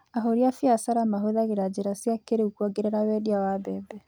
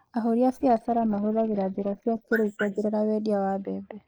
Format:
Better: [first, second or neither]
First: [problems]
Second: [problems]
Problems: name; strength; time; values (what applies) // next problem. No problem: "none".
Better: first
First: none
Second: noise reduction (neural mask model Resemble Enhance denoiser)